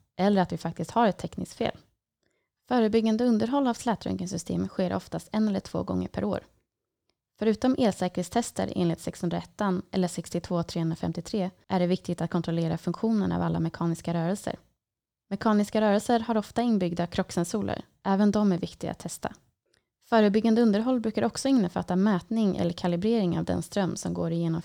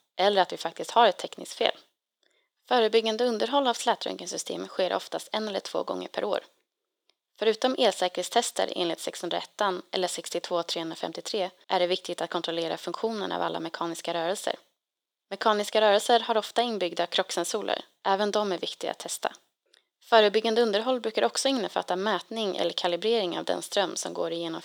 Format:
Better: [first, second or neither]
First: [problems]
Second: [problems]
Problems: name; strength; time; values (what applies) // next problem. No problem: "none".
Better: first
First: none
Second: thin; very; fading below 400 Hz